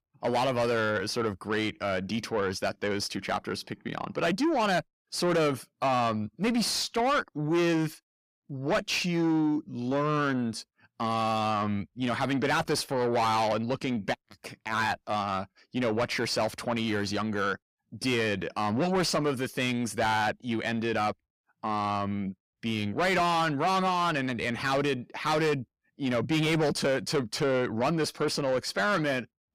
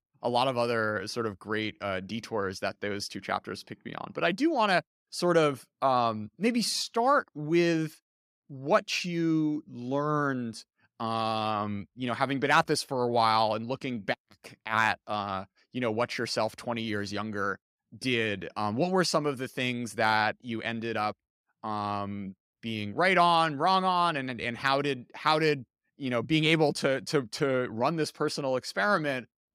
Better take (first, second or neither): second